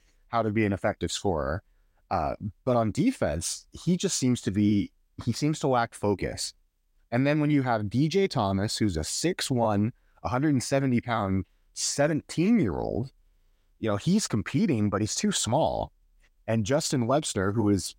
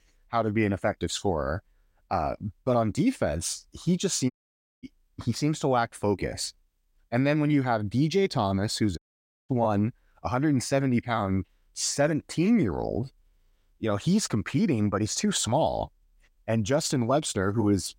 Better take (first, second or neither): first